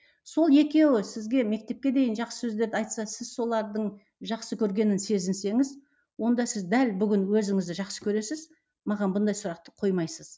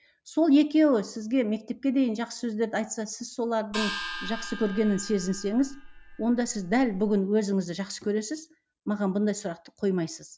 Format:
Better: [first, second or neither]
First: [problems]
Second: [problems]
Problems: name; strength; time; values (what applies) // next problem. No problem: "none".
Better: first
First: none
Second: background sound (Gong); 11 dB below the speech